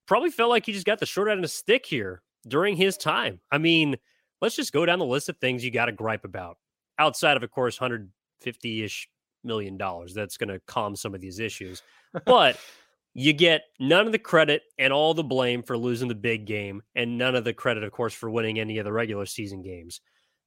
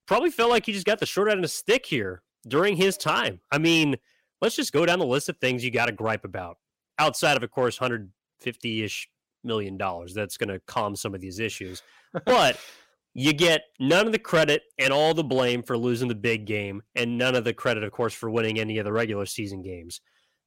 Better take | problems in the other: first | distortion; slight; 3% of the sound clipped

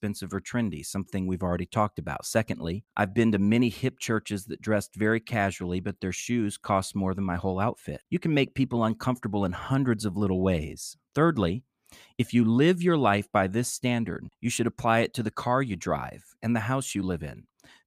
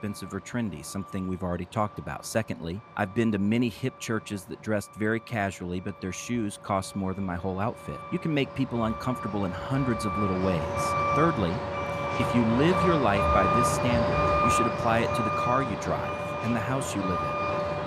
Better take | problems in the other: first | traffic noise; very loud; throughout; 1 dB above the speech

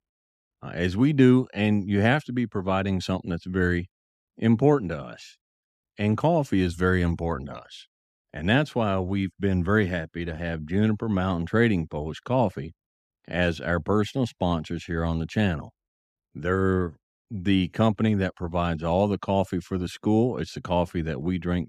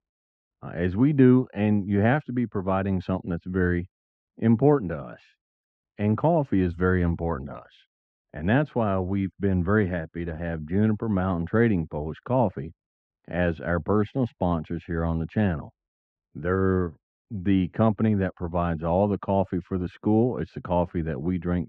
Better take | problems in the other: first | muffled; very; fading above 1.5 kHz

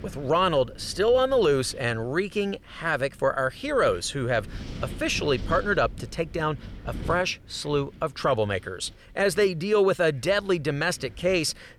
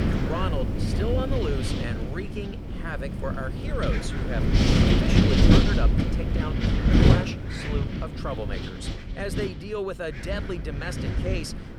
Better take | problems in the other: first | wind noise on the microphone; heavy; 3 dB above the speech; occasional gusts in the first

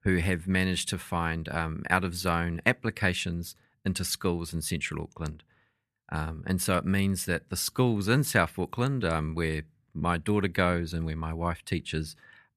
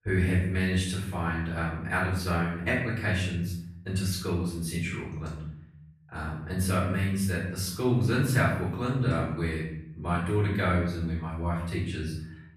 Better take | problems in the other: first | off-mic speech; far // room echo; noticeable; dies away in 0.9 s

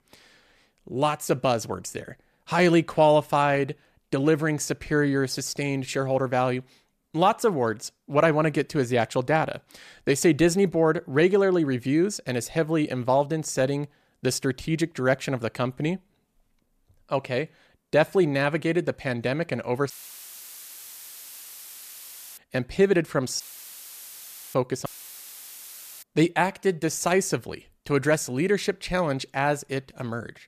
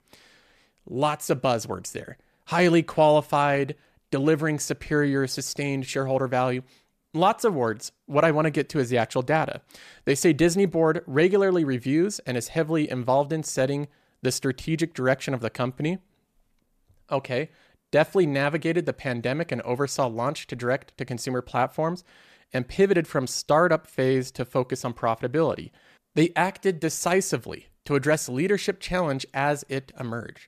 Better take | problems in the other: second | audio cutting out; filled with static; at 20 s for 2.5 s, at 23 s for 1 s and at 25 s for 1 s

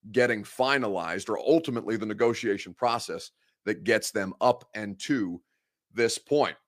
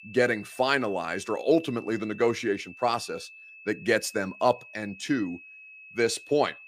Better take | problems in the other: first | high-pitched whine; noticeable; throughout; 2.5 kHz, 20 dB below the speech

